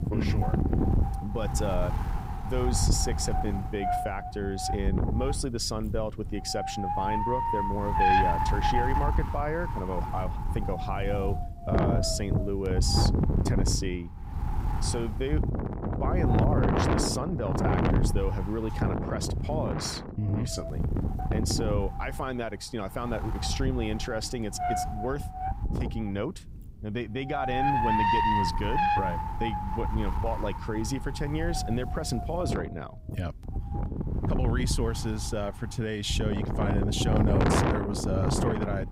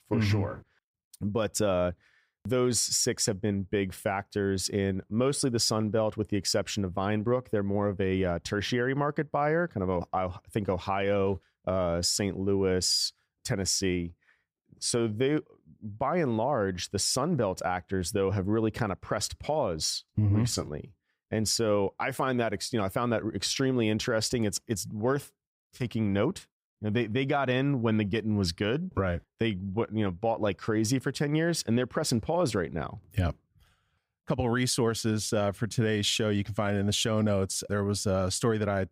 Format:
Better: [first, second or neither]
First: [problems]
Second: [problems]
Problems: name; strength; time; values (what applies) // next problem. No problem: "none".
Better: second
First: wind noise on the microphone; heavy; 3 dB above the speech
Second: none